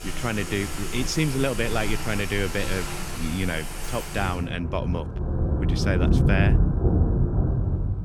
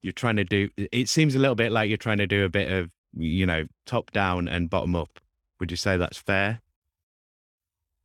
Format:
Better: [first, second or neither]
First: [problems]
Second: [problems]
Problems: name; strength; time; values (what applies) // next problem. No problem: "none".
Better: second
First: rain or running water; very loud; throughout; 2 dB above the speech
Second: none